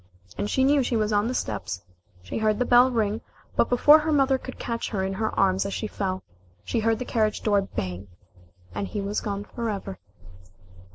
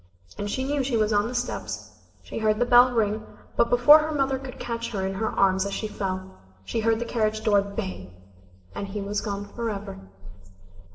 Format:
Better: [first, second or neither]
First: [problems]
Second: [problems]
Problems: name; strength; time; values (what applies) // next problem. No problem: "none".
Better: first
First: none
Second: room echo; dies away in 0.9 s